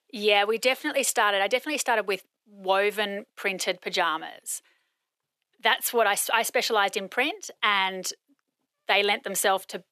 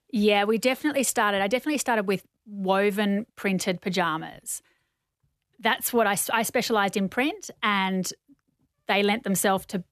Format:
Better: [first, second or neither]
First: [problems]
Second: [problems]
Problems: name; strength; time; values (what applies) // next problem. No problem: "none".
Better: second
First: thin; somewhat; fading below 500 Hz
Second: none